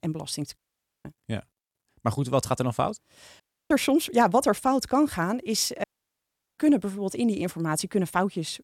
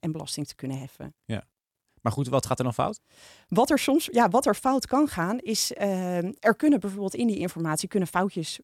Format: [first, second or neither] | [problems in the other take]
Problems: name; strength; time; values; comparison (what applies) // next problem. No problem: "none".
second | audio cutting out; at 0.5 s, at 3.5 s and at 6 s for 0.5 s